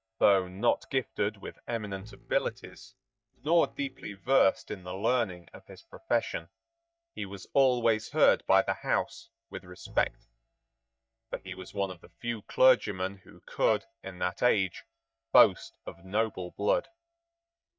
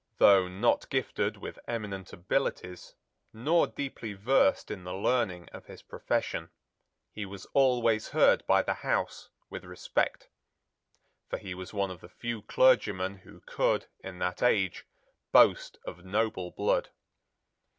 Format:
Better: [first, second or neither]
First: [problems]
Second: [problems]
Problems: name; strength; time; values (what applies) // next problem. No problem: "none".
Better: second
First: noise reduction (neural mask model DeepFilterNet 3)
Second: none